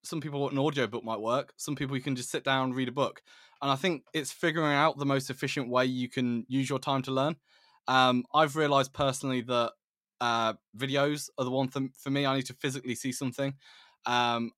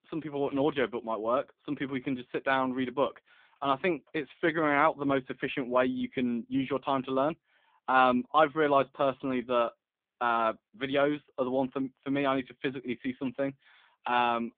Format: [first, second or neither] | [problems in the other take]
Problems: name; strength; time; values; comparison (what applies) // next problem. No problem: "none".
first | phone-call audio; poor line; nothing above 3.5 kHz